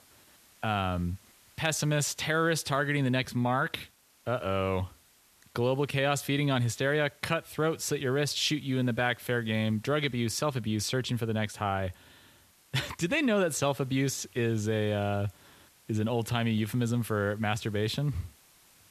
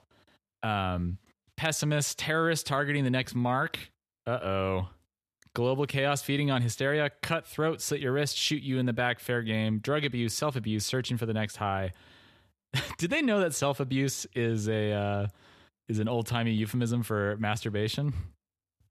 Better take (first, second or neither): second